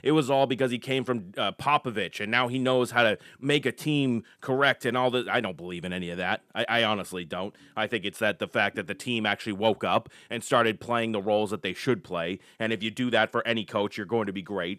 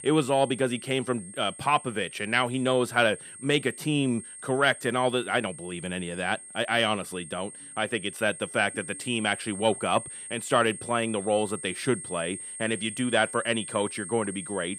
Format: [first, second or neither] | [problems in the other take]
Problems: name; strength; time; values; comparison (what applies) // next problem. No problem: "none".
first | high-pitched whine; noticeable; throughout; 8.5 kHz, 10 dB below the speech